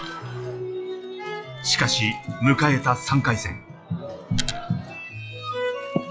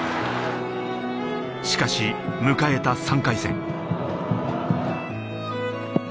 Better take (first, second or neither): second